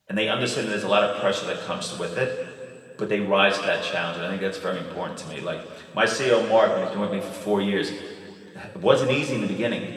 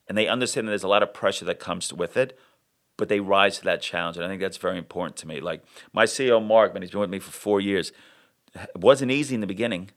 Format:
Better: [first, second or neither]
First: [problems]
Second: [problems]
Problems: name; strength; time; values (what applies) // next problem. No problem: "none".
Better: second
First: room echo; noticeable; dies away in 2.1 s // off-mic speech; far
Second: none